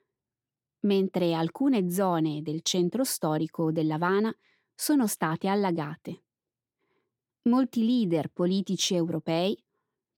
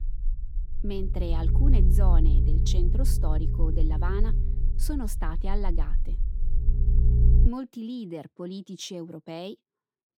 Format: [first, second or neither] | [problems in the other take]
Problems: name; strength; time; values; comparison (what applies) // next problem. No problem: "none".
first | low rumble; loud; until 7.5 s; 5 dB below the speech